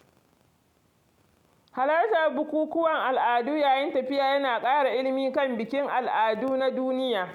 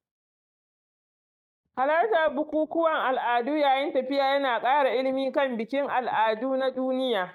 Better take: first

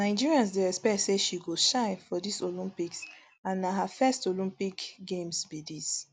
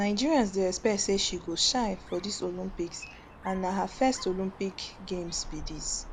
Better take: first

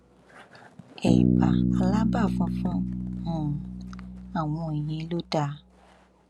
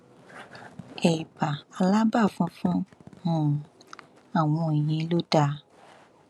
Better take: second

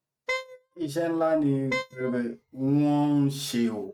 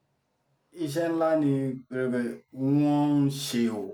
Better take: second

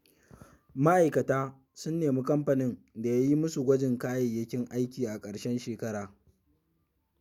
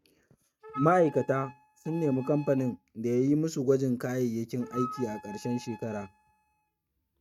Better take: first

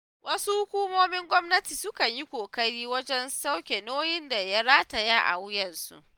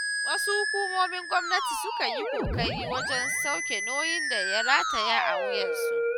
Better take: first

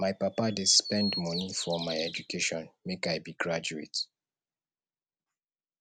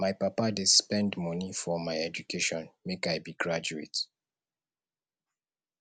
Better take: second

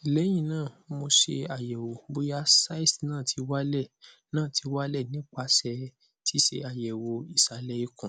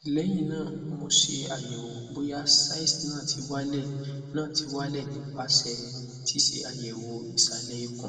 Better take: first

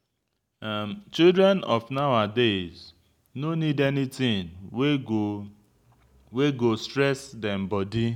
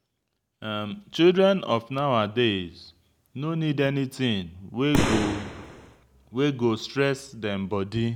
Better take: first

